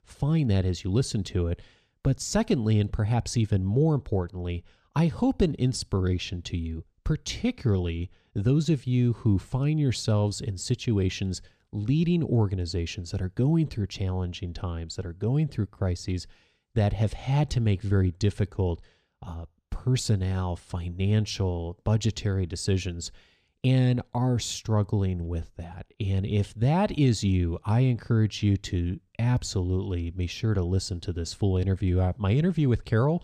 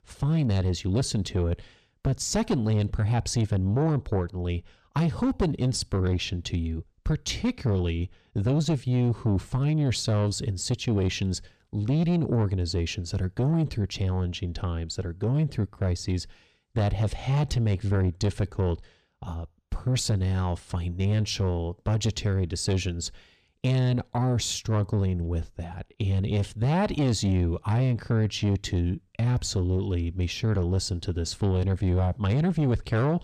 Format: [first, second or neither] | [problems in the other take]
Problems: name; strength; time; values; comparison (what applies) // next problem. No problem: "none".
first | distortion; slight; 10 dB below the speech